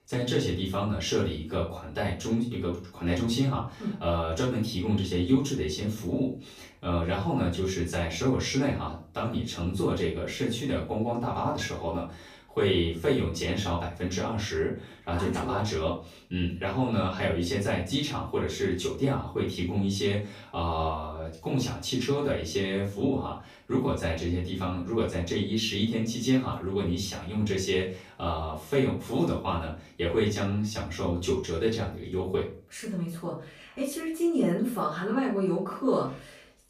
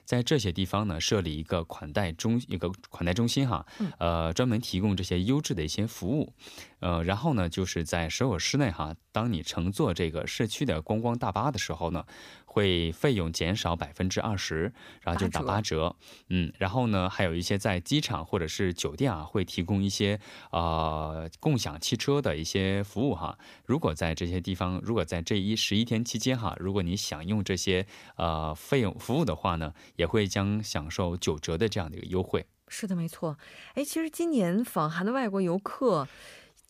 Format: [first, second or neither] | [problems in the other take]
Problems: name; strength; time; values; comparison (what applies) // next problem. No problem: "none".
second | off-mic speech; far // room echo; slight; dies away in 0.3 s